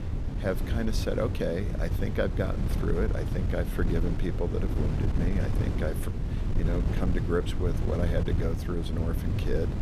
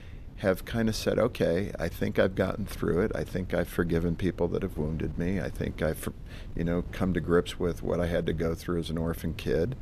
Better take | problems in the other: second | wind noise on the microphone; heavy; 6 dB below the speech; occasional gusts in the second

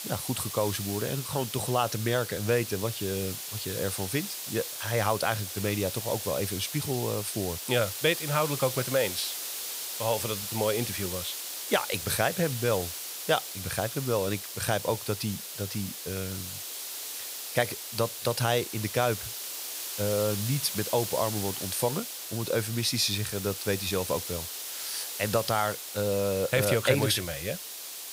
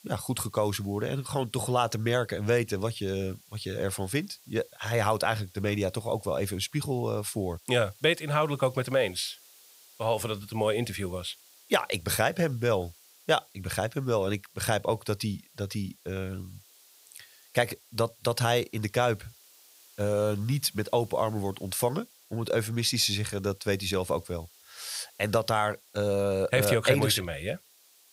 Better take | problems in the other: second | hiss; loud; throughout; 5 dB below the speech; faint in the second

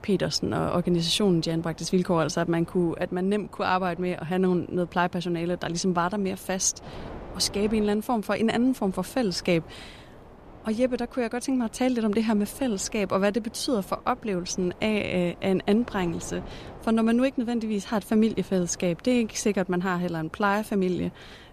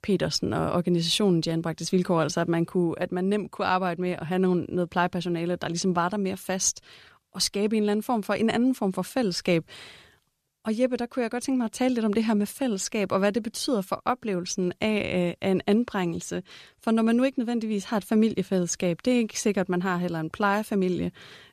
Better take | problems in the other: second | wind noise on the microphone; occasional gusts; 20 dB below the speech

